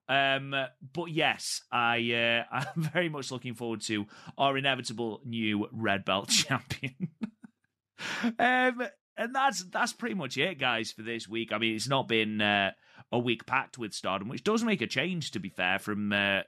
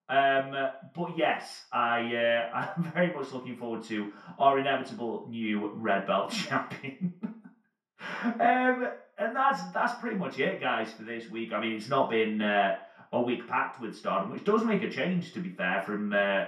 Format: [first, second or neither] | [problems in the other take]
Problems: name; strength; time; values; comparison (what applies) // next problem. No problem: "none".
first | room echo; slight; dies away in 0.4 s // off-mic speech; far